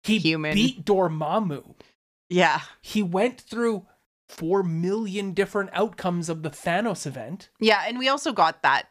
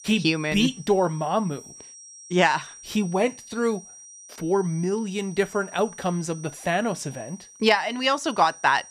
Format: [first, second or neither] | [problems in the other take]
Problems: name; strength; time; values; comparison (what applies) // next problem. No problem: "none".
first | high-pitched whine; noticeable; throughout; 6 kHz, 20 dB below the speech